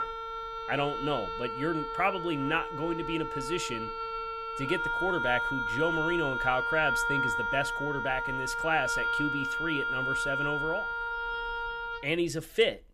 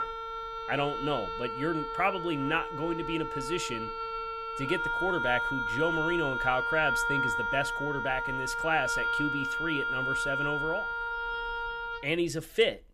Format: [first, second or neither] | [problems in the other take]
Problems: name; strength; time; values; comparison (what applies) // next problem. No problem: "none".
neither | background music; very loud; throughout; as loud as the speech; the same in both